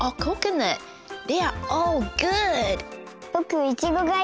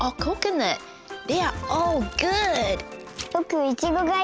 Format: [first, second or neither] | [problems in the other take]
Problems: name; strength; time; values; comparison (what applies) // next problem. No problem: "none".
first | background sound (Crumpling, crinkling); 17 dB below the speech